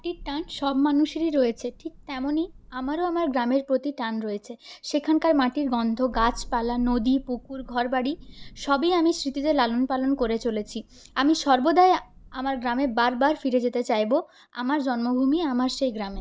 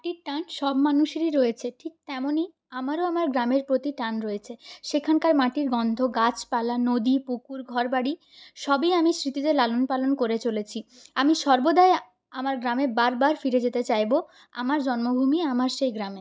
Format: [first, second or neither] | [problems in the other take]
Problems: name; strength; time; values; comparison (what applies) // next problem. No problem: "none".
second | background sound (Thunder); 20 dB below the speech